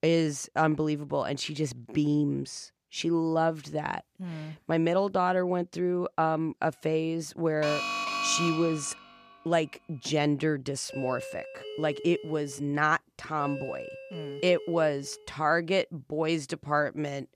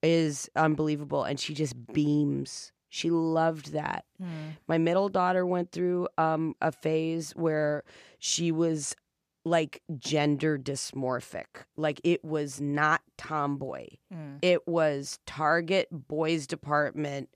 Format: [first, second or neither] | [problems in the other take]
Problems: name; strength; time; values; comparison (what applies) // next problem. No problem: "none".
second | alarm; loud; from 7.5 to 9 s; peak level with the speech // doorbell; noticeable; from 11 to 15 s; peak 9 dB below the speech